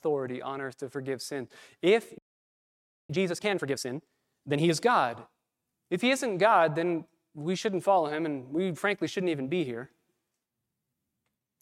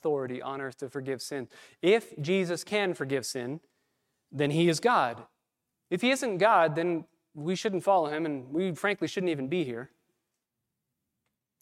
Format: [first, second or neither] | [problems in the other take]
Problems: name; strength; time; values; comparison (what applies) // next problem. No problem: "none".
second | audio freezing; at 2 s for 1 s